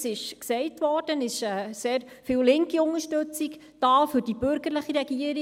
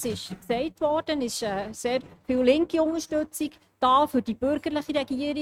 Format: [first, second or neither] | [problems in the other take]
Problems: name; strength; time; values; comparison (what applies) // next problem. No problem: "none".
first | noise reduction (neural mask model RNNoise)